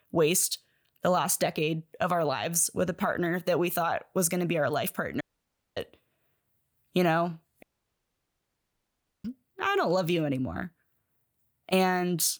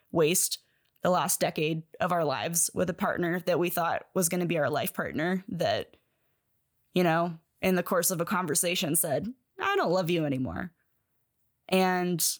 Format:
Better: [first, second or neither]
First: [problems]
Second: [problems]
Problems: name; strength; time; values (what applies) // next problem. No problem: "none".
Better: second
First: audio cutting out; at 5 s for 0.5 s and at 7.5 s for 1.5 s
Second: none